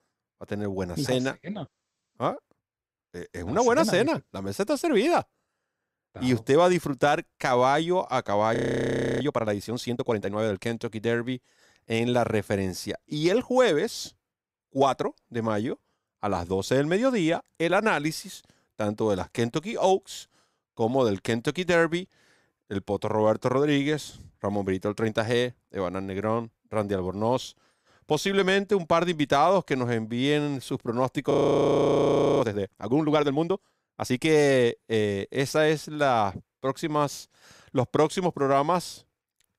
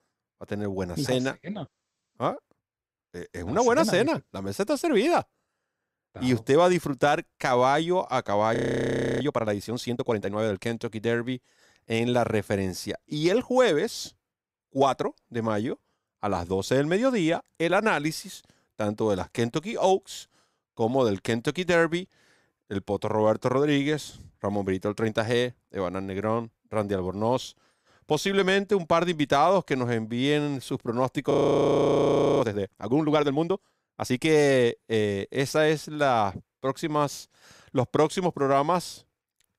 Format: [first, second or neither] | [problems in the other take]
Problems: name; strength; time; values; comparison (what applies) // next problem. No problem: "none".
neither | audio freezing; at 8.5 s for 0.5 s and at 31 s for 1 s; the same in both